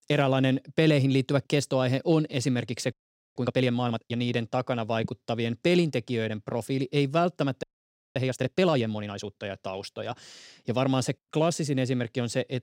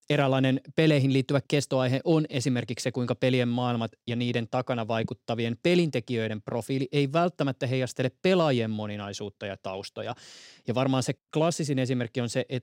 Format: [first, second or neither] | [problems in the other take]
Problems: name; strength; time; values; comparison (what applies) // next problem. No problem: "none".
second | audio freezing; at 3 s and at 7.5 s for 0.5 s